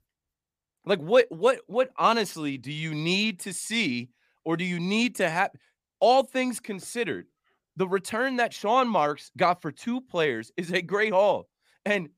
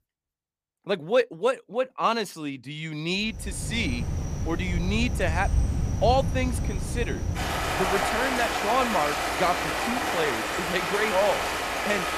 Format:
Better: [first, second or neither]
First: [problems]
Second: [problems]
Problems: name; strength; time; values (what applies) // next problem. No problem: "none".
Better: first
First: none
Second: rain or running water; very loud; from 3.5 s on; as loud as the speech